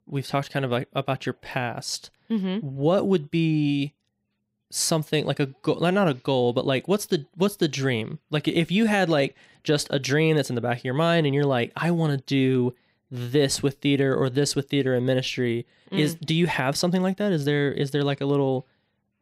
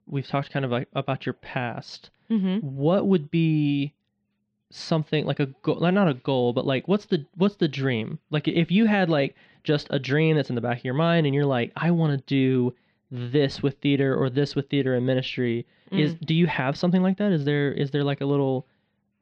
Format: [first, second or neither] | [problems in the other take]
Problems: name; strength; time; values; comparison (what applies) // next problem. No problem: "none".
first | muffled; slightly; fading above 4 kHz